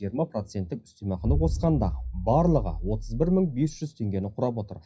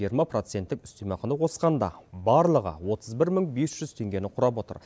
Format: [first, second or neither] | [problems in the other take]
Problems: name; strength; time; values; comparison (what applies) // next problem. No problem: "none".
second | noise reduction (classical method WPE with log-MMSE)